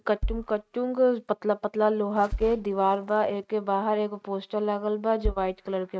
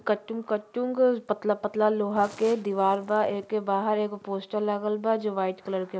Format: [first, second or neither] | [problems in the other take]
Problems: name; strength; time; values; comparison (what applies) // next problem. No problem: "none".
second | noise reduction (neural mask model RNNoise)